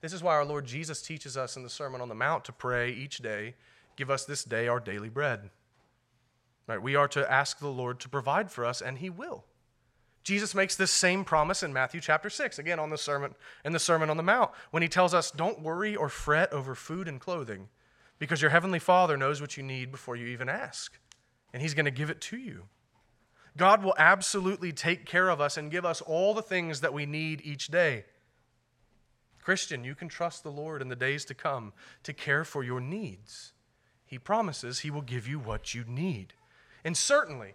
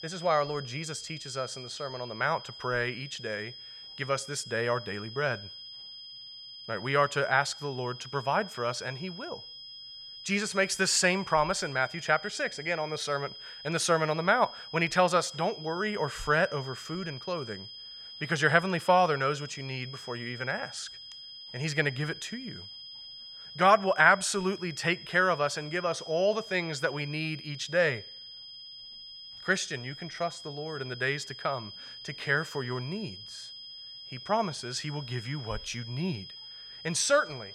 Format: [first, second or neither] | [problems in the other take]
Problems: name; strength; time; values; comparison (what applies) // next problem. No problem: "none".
first | high-pitched whine; noticeable; throughout; 5 kHz, 15 dB below the speech